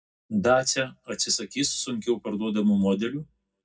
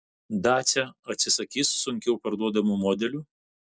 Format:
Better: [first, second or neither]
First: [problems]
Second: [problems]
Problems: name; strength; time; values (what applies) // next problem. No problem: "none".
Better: second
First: room echo; dies away in 0.4 s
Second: none